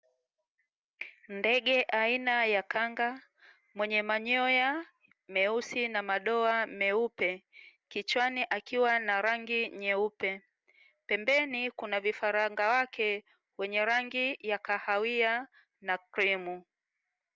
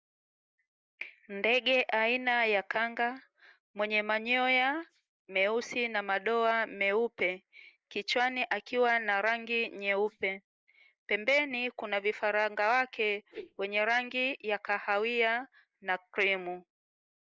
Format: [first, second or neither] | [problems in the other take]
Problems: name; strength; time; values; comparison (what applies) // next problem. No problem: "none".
first | noise reduction (neural mask model Resemble Enhance denoiser)